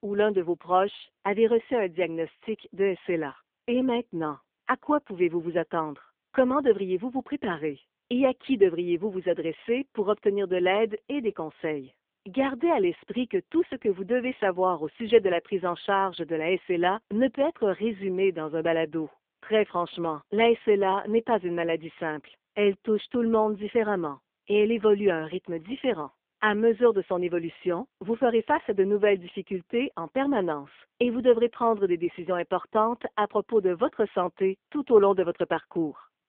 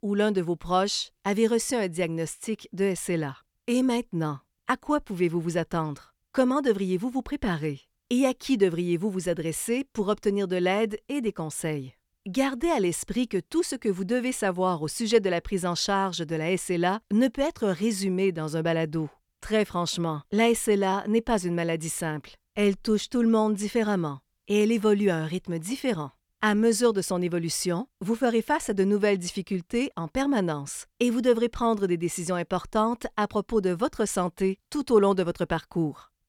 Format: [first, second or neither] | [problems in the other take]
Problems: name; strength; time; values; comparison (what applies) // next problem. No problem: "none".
second | phone-call audio; poor line